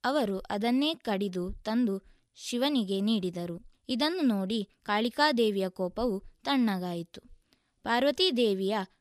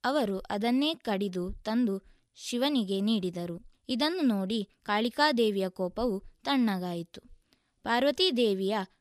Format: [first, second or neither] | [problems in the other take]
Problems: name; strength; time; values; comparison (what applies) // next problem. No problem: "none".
neither | none